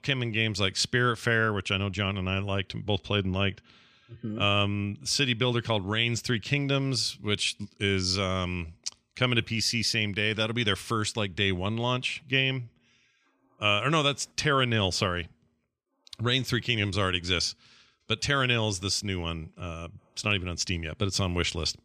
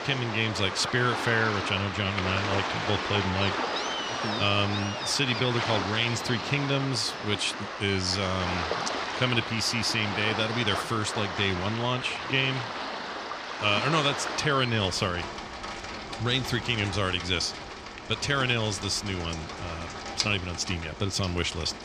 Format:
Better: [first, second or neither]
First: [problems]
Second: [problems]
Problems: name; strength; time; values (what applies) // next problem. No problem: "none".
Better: first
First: none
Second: rain or running water; loud; throughout; 5 dB below the speech